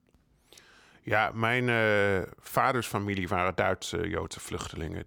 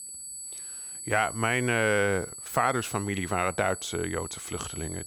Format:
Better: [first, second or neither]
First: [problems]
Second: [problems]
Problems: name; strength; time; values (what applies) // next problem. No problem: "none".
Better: first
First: none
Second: high-pitched whine; loud; throughout; 8 kHz, 10 dB below the speech